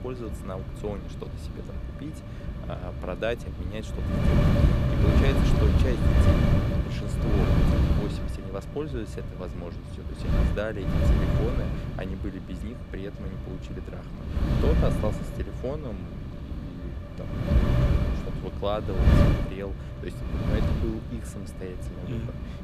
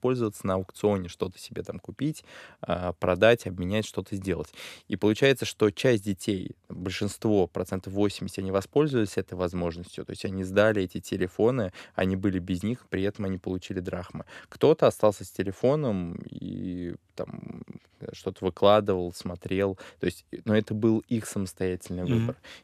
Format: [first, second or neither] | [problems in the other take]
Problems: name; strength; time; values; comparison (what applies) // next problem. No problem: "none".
second | wind noise on the microphone; heavy; 2 dB above the speech